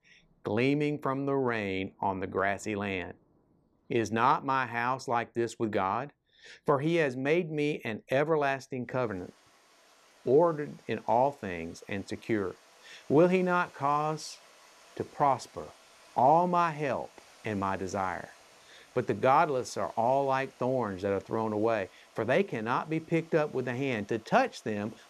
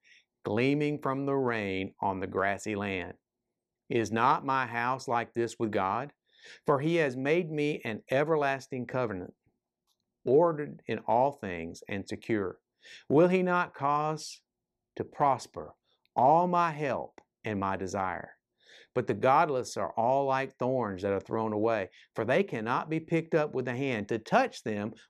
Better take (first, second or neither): second